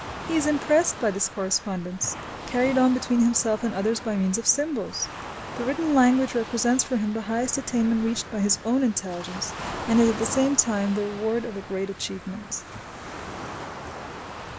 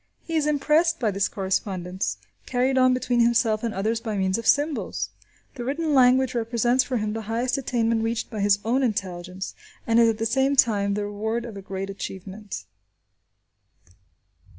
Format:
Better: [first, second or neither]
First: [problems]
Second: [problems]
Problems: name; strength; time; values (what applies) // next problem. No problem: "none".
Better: second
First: background sound (Waves, surf); 12 dB below the speech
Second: none